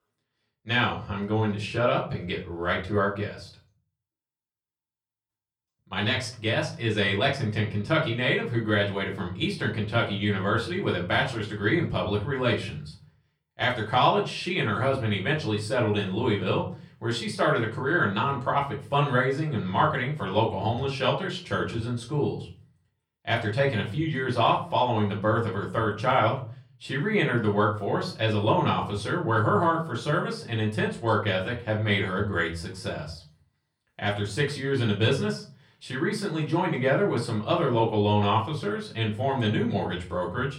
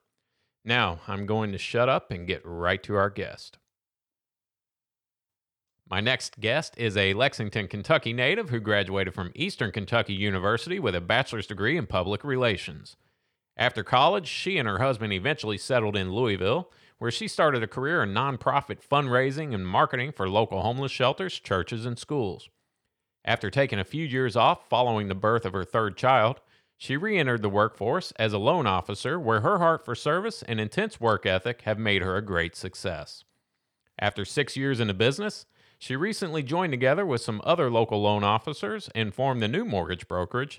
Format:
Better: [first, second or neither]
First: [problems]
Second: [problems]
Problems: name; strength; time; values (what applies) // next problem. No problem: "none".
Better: second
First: off-mic speech; far // room echo; very slight; dies away in 0.4 s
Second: none